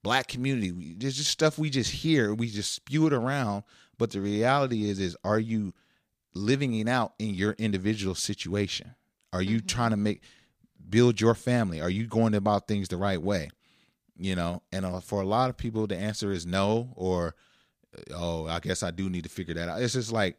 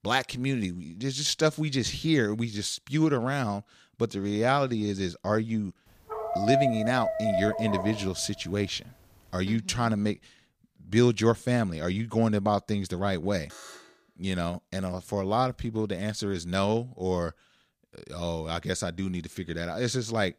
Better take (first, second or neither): first